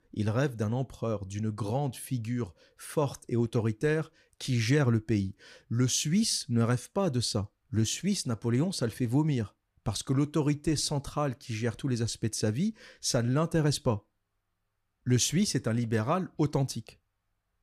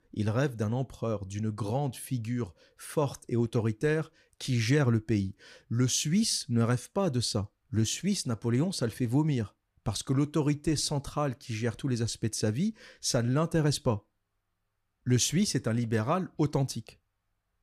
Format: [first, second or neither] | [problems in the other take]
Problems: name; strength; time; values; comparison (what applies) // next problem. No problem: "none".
neither | none